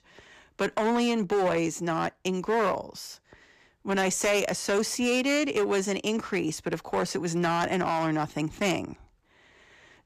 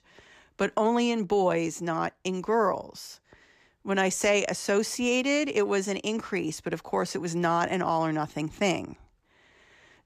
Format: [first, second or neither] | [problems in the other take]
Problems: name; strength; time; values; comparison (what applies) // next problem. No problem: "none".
second | distortion; slight; 9% of the sound clipped